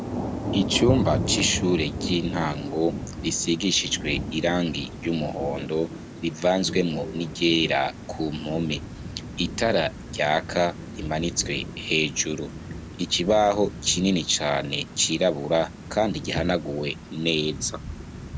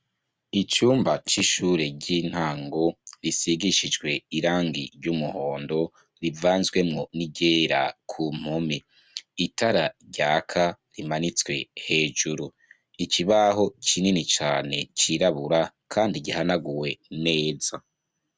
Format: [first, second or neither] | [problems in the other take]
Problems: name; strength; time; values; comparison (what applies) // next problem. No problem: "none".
second | background sound (Thunder / Rain); 8 dB below the speech